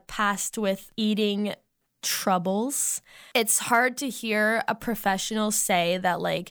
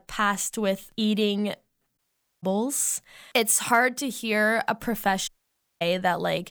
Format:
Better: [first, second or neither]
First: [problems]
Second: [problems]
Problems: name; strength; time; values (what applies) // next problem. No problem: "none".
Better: first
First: none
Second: audio cutting out; at 2 s and at 5.5 s for 0.5 s